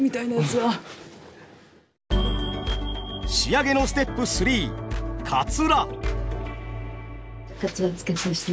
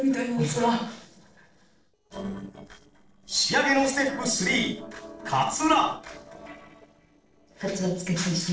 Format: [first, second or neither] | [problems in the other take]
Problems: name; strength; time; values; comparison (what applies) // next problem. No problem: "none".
first | noise reduction (neural separator model SepFormer DNS4)